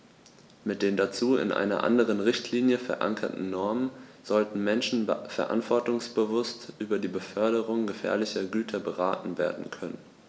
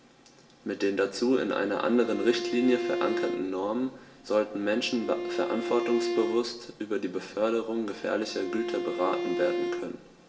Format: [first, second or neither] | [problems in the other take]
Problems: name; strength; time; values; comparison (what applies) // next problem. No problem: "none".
first | background sound (Bowed string instrument); 5 dB below the speech // room echo; dies away in 1.4 s